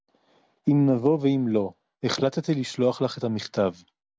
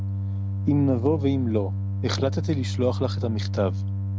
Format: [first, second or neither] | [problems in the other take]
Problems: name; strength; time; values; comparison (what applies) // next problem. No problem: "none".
first | background sound (Organ); 1 dB below the speech